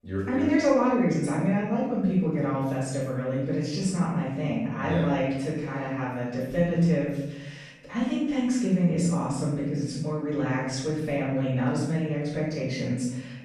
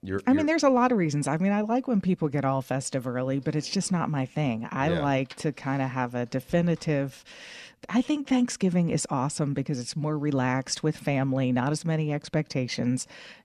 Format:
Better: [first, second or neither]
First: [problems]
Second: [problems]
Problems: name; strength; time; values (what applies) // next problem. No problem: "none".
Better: second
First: room echo; strong; dies away in 0.9 s // off-mic speech; far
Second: none